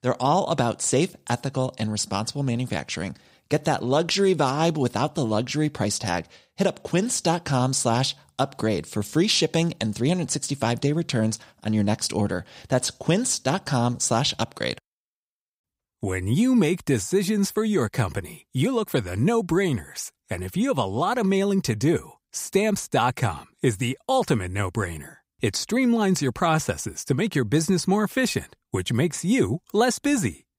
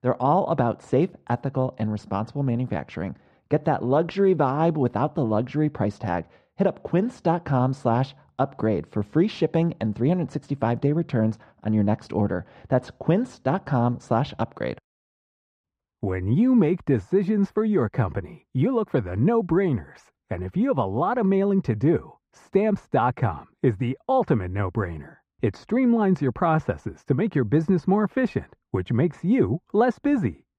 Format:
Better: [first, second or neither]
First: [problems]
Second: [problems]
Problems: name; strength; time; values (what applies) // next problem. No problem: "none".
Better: first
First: none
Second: muffled; very; fading above 3.5 kHz